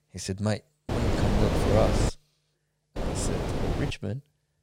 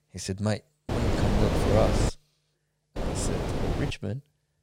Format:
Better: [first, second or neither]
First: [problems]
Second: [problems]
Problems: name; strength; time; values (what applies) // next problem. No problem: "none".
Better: neither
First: wind noise on the microphone; faint; from 1 to 2 s and at 3 s; 1 dB above the speech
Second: wind noise on the microphone; faint; from 1 to 2 s and at 3 s; 1 dB above the speech